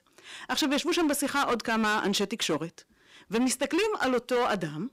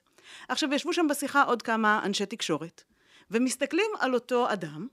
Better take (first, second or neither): second